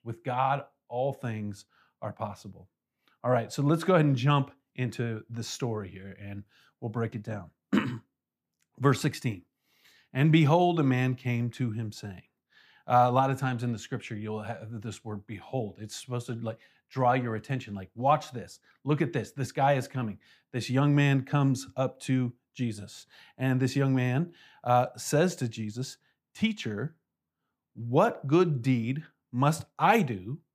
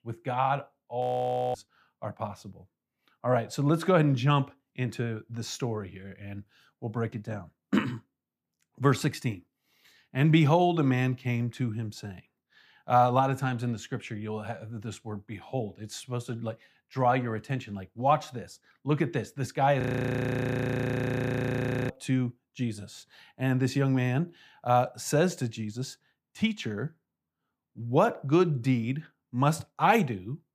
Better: first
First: none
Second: audio freezing; at 1 s for 0.5 s and at 20 s for 2 s

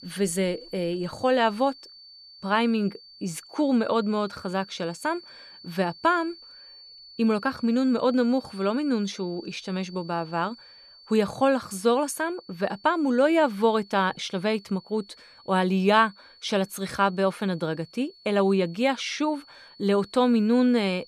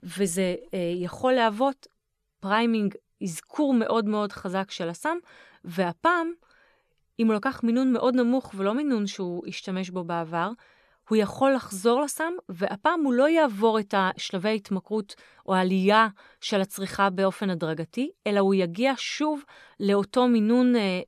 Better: second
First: high-pitched whine; faint; throughout; 4.5 kHz, 20 dB below the speech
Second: none

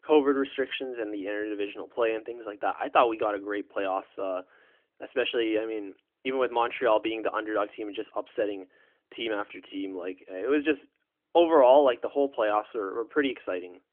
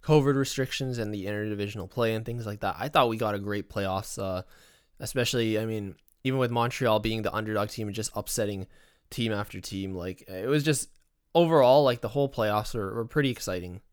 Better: second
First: phone-call audio; nothing above 3.5 kHz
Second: none

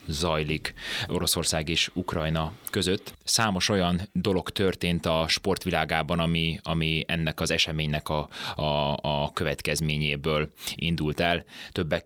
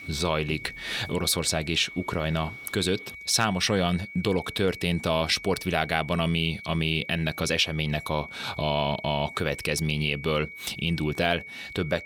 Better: first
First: none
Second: high-pitched whine; noticeable; throughout; 2.5 kHz, 15 dB below the speech

